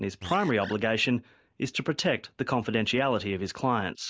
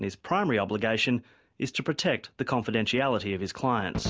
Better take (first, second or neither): second